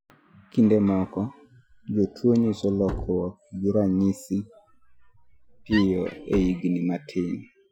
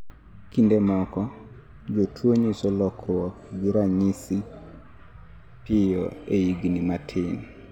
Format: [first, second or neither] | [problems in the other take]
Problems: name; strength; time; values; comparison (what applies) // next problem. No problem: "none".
second | noise reduction (classical method Wiener filter)